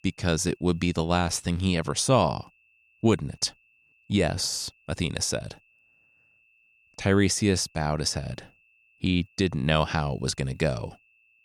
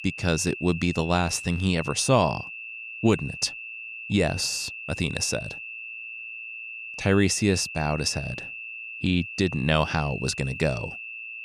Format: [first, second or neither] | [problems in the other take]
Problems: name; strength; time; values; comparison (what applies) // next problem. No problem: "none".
first | high-pitched whine; loud; throughout; 2.5 kHz, 10 dB below the speech; faint in the first